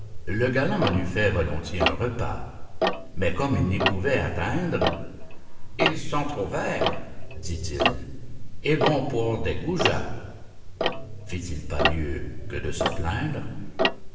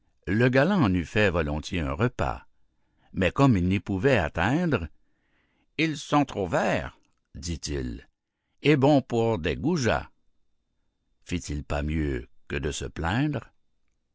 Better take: second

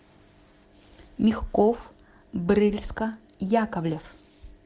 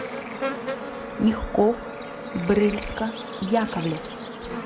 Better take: first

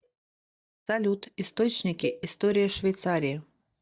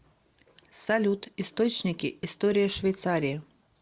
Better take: second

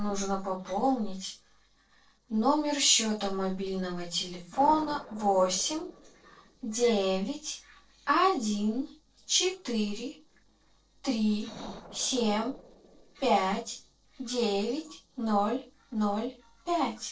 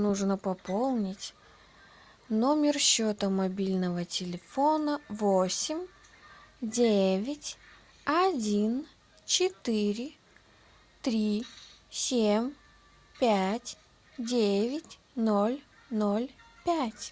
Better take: second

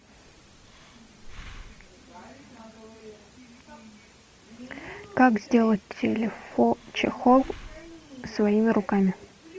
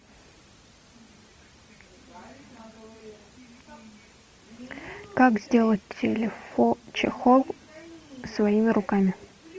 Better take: second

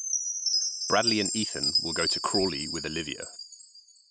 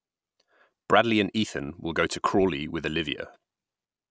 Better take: second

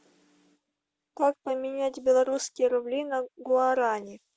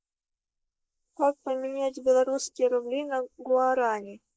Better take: first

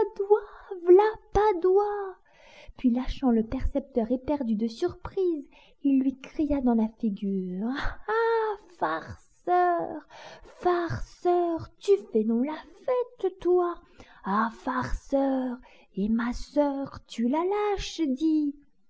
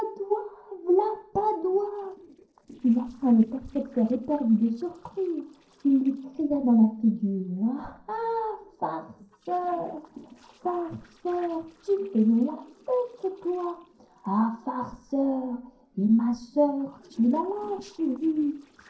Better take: first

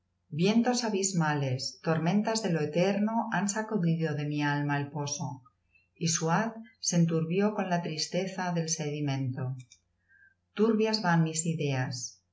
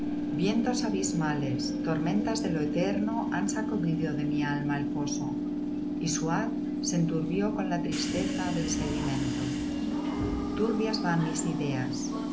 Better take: first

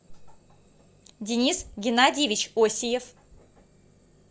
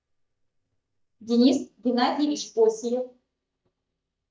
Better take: first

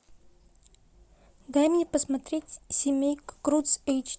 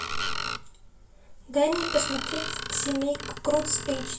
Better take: first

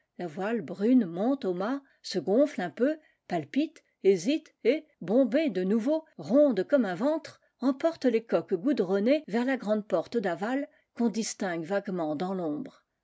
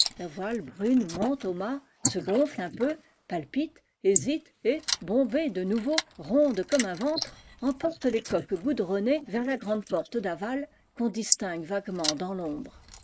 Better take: first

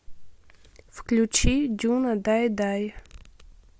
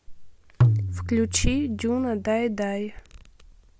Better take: first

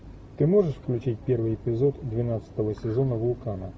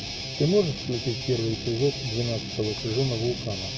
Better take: first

